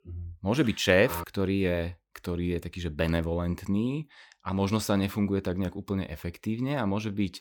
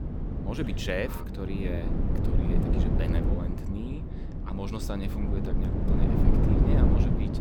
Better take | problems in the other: first | wind noise on the microphone; heavy; 1 dB above the speech

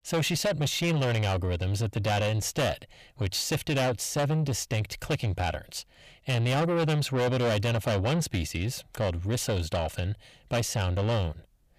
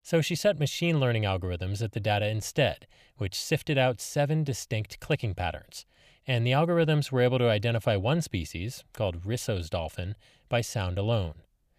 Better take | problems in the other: second | distortion; heavy; 8 dB below the speech

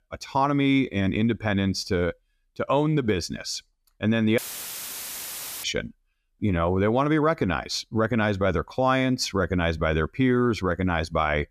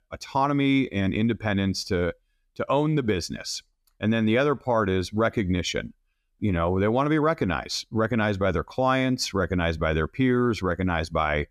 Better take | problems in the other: second | audio cutting out; filled with static; at 4.5 s for 1.5 s

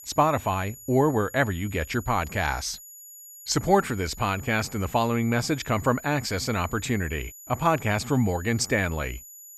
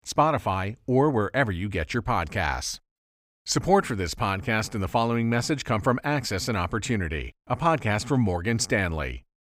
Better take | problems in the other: second | high-pitched whine; noticeable; throughout; 7 kHz, 15 dB below the speech

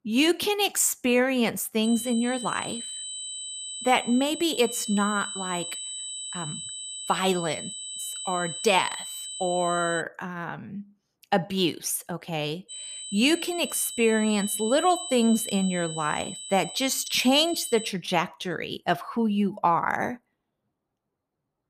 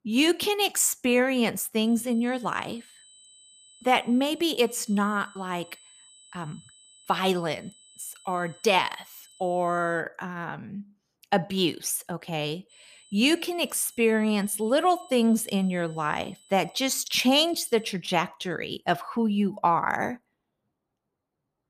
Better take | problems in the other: second | high-pitched whine; loud; from 2 to 10 s and from 13 to 18 s; 8 kHz, 8 dB below the speech; faint in the second

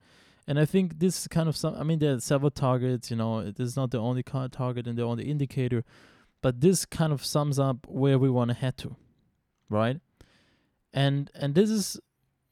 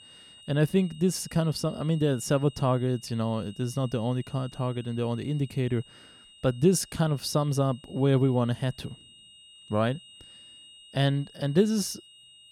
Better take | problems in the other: first | high-pitched whine; faint; throughout; 3 kHz, 20 dB below the speech

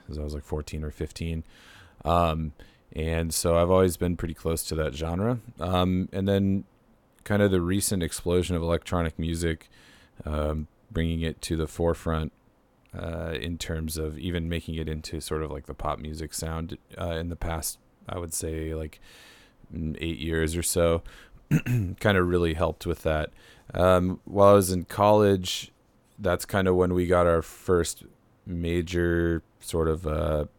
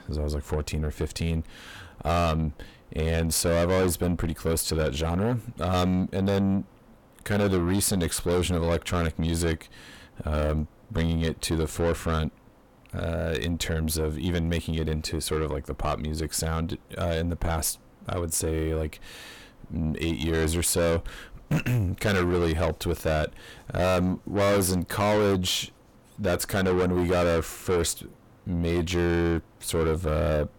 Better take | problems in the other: first | distortion; heavy; 6 dB below the speech

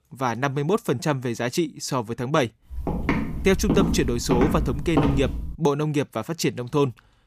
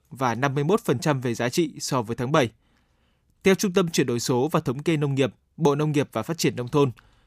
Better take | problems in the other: second | footsteps; loud; from 2.5 to 5.5 s; peak 1 dB above the speech

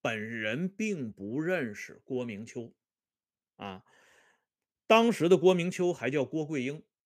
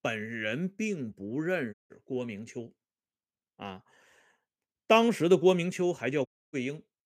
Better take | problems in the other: first | audio cutting out; at 1.5 s and at 6.5 s

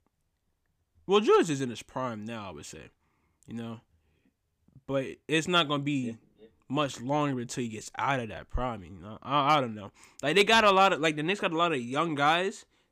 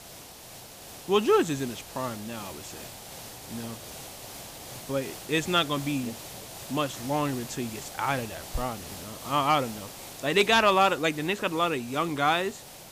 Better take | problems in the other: first | hiss; noticeable; throughout; 15 dB below the speech

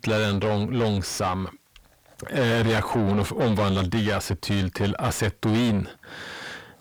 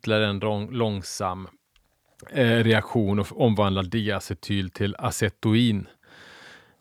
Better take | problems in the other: second | distortion; heavy; 6 dB below the speech

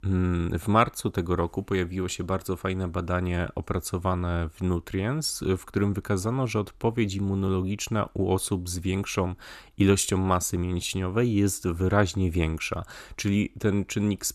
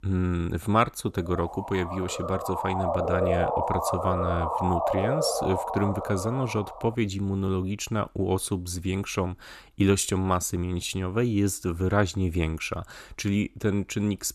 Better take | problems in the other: first | siren; loud; from 1.5 to 7 s; peak 2 dB above the speech

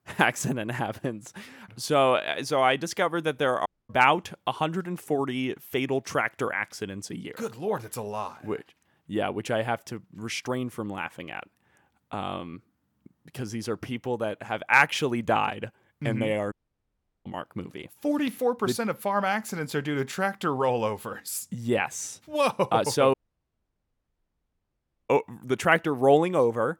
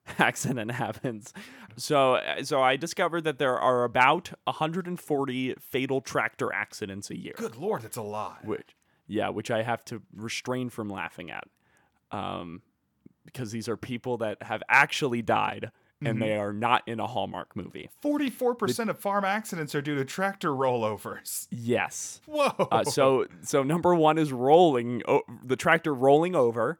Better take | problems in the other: second | audio cutting out; at 3.5 s, at 17 s for 0.5 s and at 23 s for 2 s

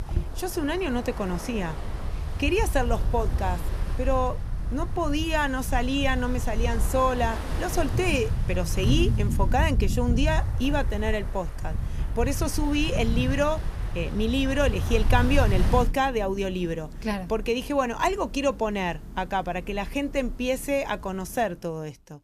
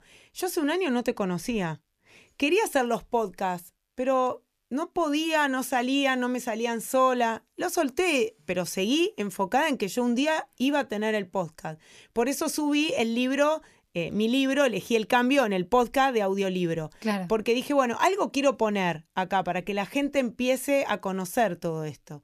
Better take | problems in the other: second | rain or running water; loud; throughout; 2 dB below the speech

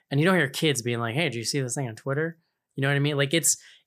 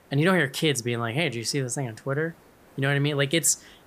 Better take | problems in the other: first | hiss; faint; throughout; 30 dB below the speech

